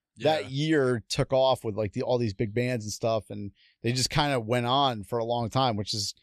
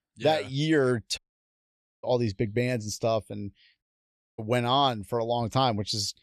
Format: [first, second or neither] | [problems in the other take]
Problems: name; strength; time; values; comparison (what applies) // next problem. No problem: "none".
first | audio cutting out; at 1 s for 1 s and at 4 s for 0.5 s